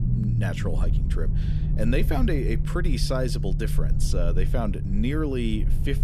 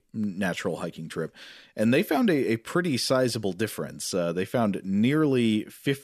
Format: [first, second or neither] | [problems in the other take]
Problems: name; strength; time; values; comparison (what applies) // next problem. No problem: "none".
second | low rumble; loud; throughout; 8 dB below the speech